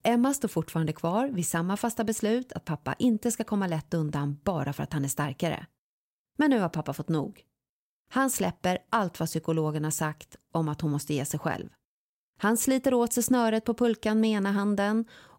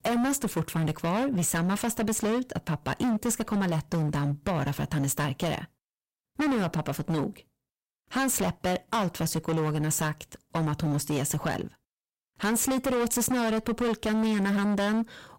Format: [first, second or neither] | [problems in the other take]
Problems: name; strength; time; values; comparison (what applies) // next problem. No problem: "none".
first | distortion; heavy; 22% of the sound clipped